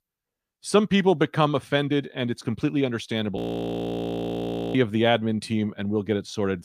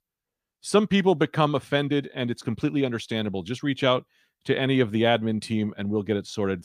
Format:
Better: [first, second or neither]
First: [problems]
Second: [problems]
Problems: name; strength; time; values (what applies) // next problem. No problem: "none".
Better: second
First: audio freezing; at 3.5 s for 1.5 s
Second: none